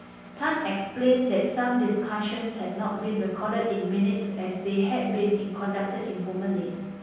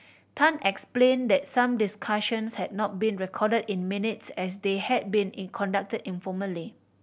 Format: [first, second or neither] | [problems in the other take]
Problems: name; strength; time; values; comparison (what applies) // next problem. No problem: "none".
second | background sound (Engine); 19 dB below the speech // room echo; dies away in 1.3 s